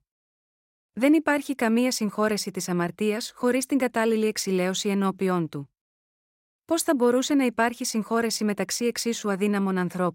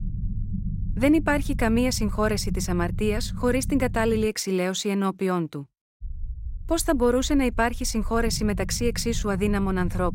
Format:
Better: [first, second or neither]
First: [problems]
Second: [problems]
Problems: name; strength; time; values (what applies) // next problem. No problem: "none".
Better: first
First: none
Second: low rumble; noticeable; until 4.5 s and from 6 s on; 20 dB below the speech